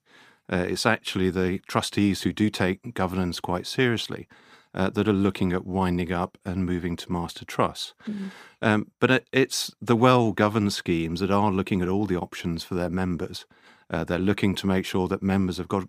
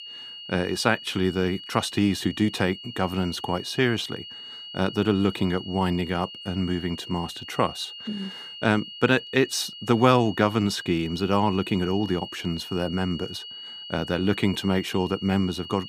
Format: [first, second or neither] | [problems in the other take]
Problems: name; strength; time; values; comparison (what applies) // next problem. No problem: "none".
first | high-pitched whine; noticeable; throughout; 3 kHz, 10 dB below the speech